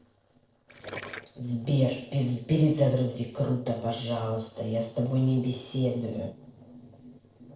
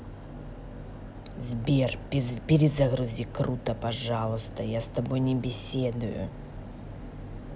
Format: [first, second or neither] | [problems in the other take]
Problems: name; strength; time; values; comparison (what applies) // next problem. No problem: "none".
second | noise reduction (neural separator model SepFormer DNS4)